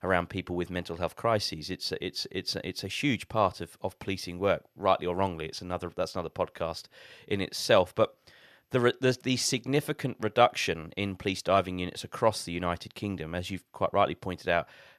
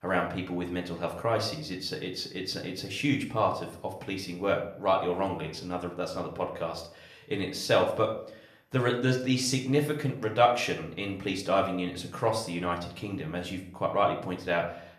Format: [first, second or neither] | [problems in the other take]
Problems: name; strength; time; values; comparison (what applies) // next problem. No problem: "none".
first | room echo; slight; dies away in 0.5 s // off-mic speech; somewhat distant